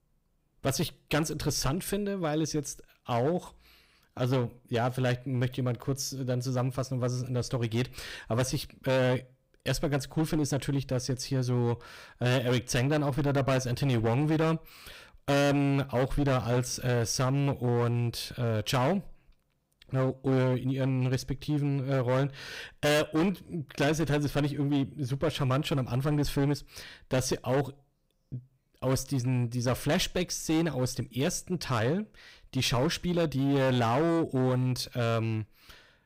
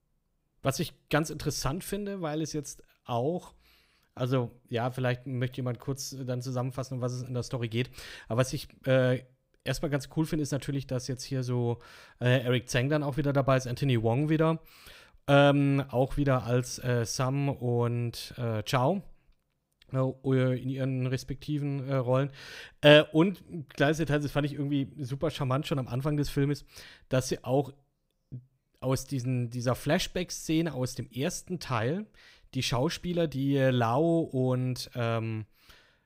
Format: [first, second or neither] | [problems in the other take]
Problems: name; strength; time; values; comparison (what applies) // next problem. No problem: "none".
second | distortion; heavy; 12% of the sound clipped